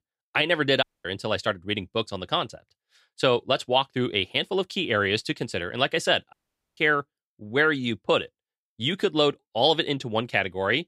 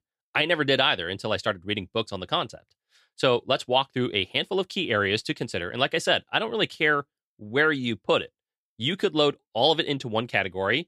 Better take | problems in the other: second | audio cutting out; at 1 s and at 6.5 s

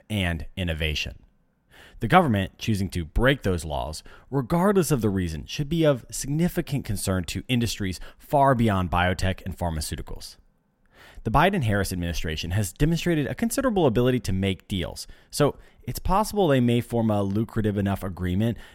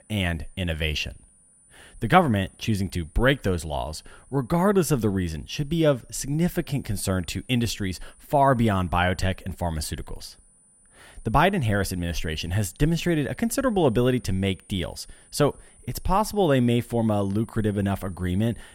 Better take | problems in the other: first | high-pitched whine; faint; throughout; 9.5 kHz, 30 dB below the speech

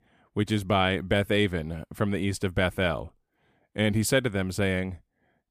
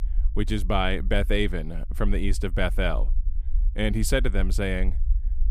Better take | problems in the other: first | low rumble; faint; throughout; 25 dB below the speech

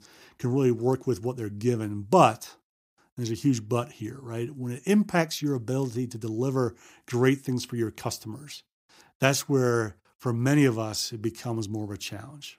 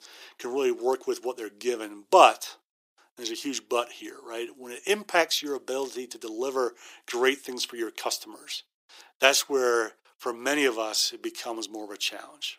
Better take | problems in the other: first | thin; very; fading below 400 Hz

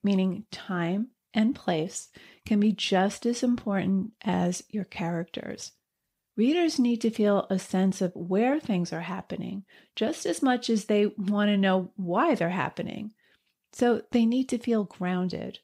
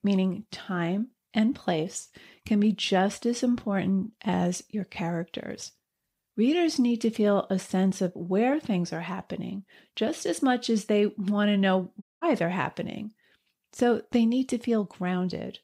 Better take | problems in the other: first | audio cutting out; at 12 s

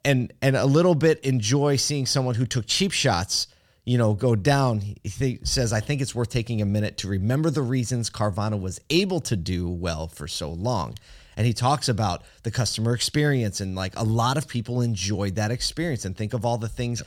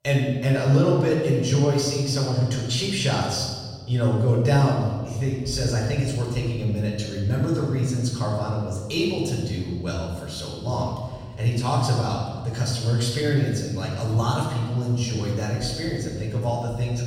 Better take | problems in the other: first | off-mic speech; far // room echo; noticeable; dies away in 1.6 s

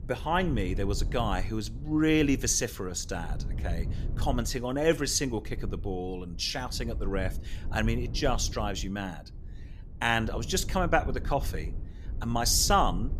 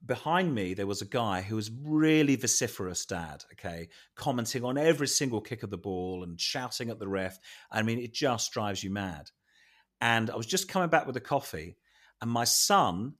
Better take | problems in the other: second | low rumble; faint; throughout; 20 dB below the speech

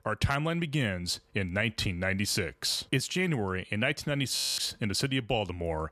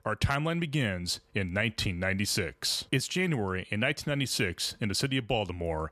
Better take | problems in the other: second | audio freezing; at 4.5 s

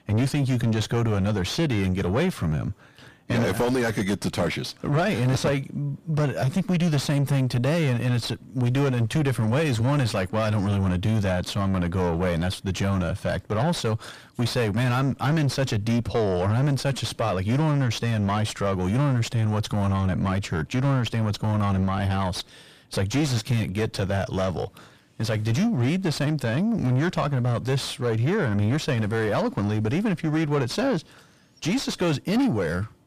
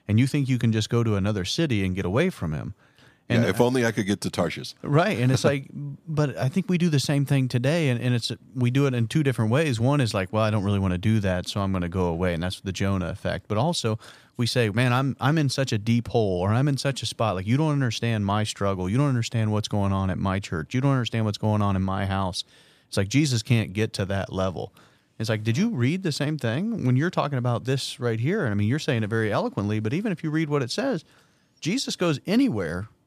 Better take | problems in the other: second | distortion; heavy; 7 dB below the speech

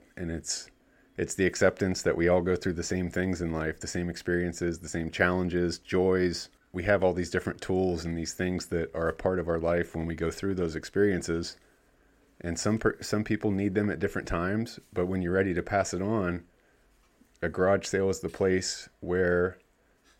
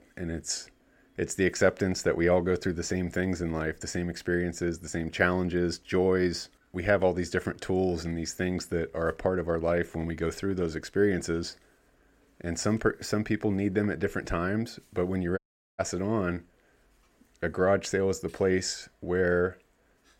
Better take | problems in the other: first | audio cutting out; at 15 s

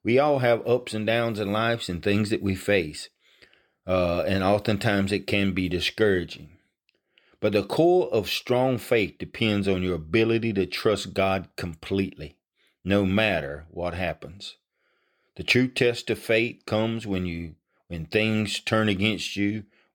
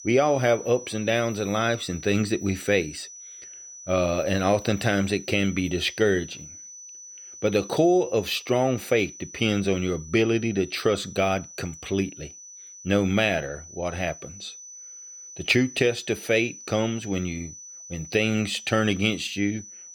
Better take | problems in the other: first | high-pitched whine; noticeable; throughout; 6 kHz, 15 dB below the speech

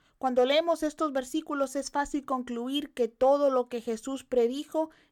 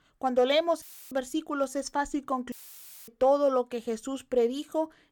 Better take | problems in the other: first | audio cutting out; filled with static; at 1 s and at 2.5 s for 0.5 s

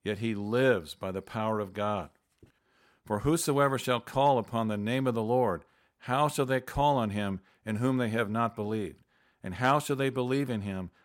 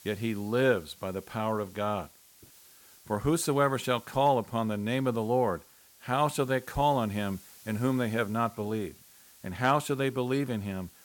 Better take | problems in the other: first | hiss; faint; throughout; 25 dB below the speech

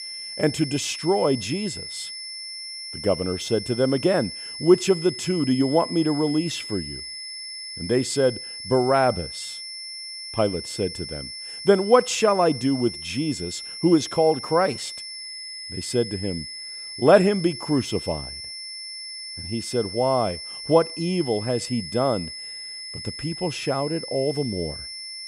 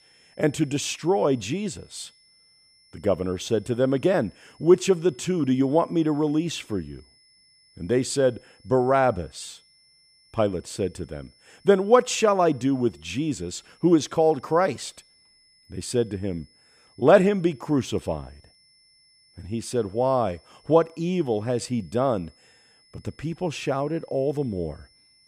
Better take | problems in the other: second | high-pitched whine; loud; throughout; 5.5 kHz, 9 dB below the speech; faint in the second

